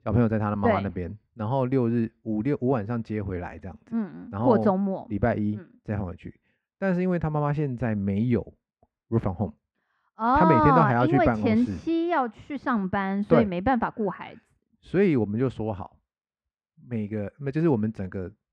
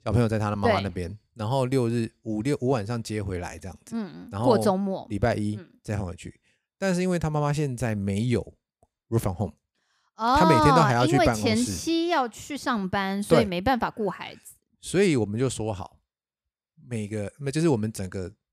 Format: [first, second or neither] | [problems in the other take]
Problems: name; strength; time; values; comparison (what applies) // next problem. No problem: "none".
second | muffled; very; fading above 1.5 kHz